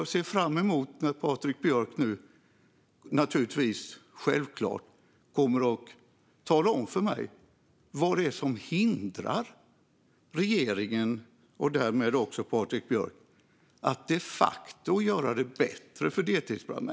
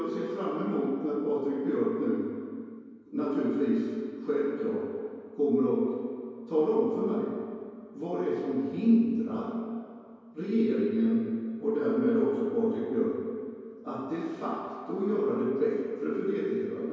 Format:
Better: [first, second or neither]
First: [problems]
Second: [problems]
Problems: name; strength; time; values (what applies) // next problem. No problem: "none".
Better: first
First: none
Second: room echo; dies away in 2.2 s